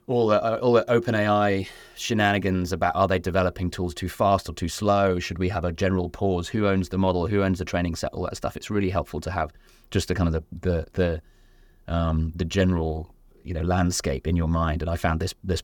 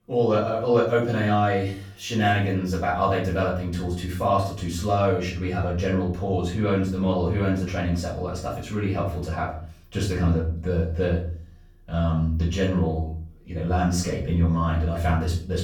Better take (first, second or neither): first